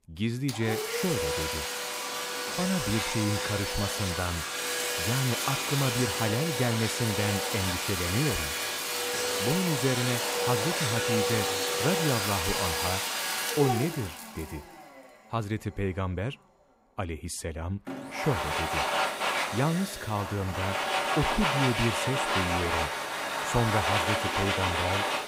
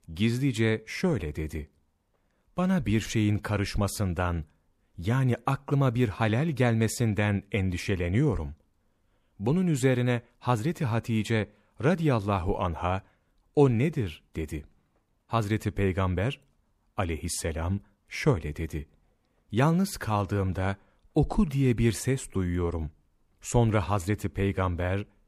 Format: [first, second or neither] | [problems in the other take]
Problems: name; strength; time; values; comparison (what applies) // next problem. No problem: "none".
second | household noises; very loud; throughout; 3 dB above the speech